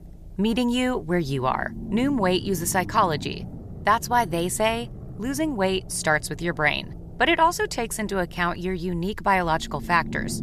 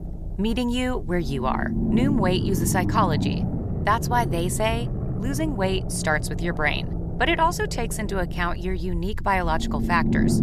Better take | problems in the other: first | low rumble; loud; throughout; 10 dB below the speech; faint in the first

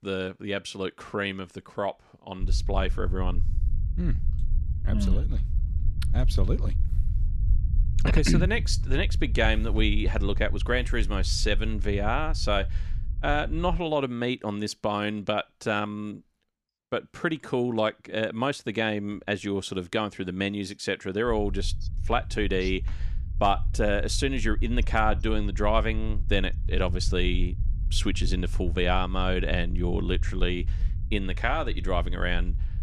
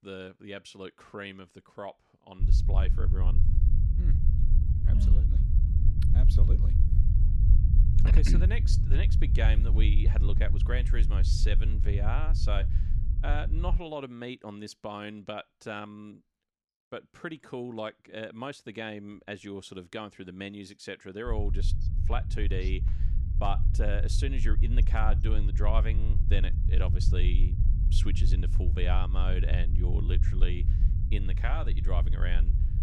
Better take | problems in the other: first | low rumble; loud; from 2.5 to 14 s and from 21 s on; 7 dB below the speech; faint in the first

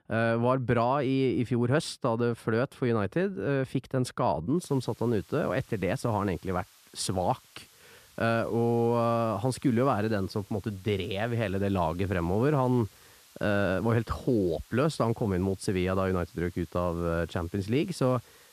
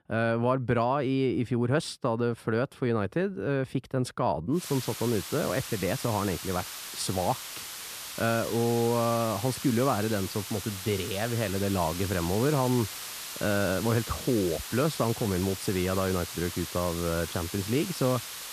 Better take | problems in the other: first | hiss; loud; from 4.5 s on; 8 dB below the speech; faint in the first

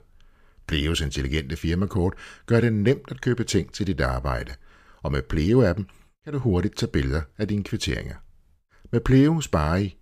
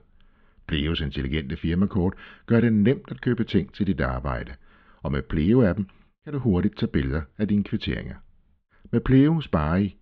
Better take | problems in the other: first | muffled; slightly; fading above 3.5 kHz

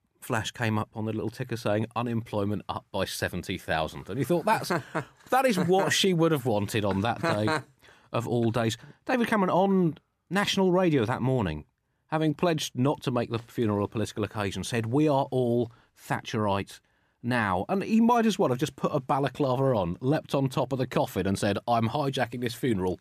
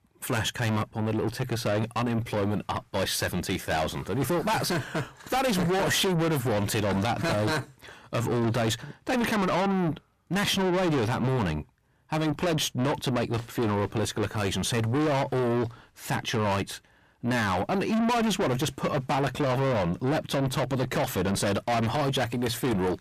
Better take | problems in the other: first | distortion; heavy; 5 dB below the speech

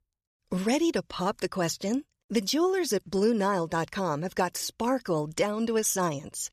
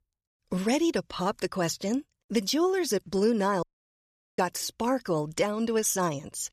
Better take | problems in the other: first | audio cutting out; at 3.5 s for 1 s

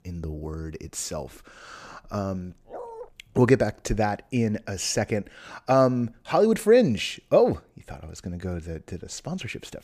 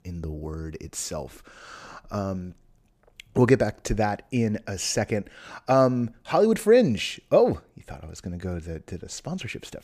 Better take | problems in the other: second | dog barking; faint; at 2.5 s; peak 15 dB below the speech

